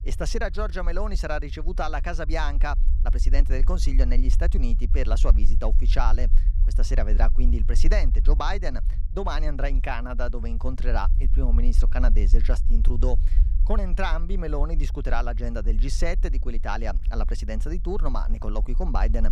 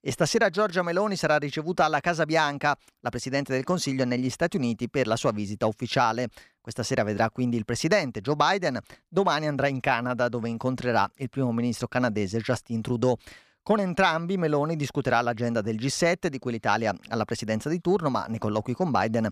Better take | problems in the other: second | low rumble; noticeable; throughout; 15 dB below the speech

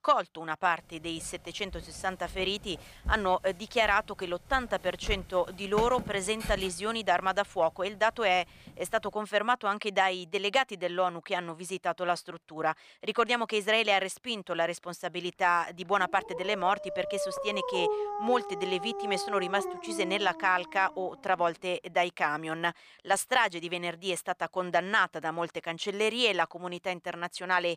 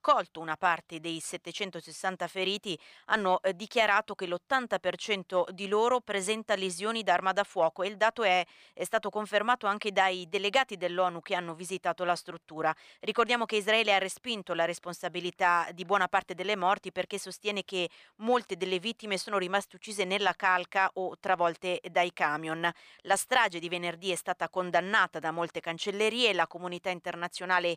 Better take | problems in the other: second | footsteps; noticeable; from 1.5 to 8.5 s; peak 7 dB below the speech // dog barking; noticeable; from 16 to 21 s; peak 1 dB below the speech

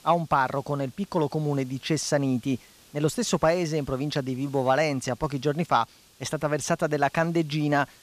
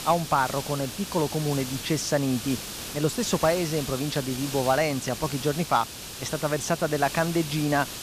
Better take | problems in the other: first | hiss; loud; throughout; 8 dB below the speech; faint in the first

